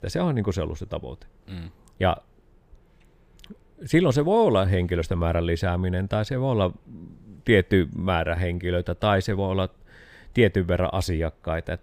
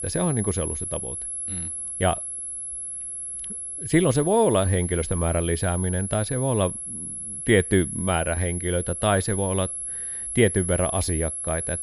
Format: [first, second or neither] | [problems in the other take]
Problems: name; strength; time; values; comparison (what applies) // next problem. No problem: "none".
first | high-pitched whine; loud; throughout; 11 kHz, 5 dB below the speech